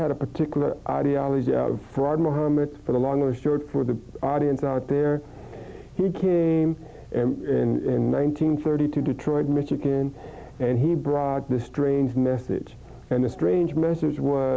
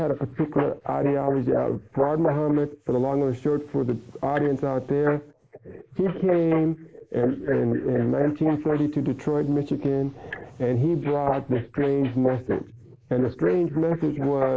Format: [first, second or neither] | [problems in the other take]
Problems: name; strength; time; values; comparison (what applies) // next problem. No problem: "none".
first | noise reduction (neural mask model Resemble Enhance denoiser)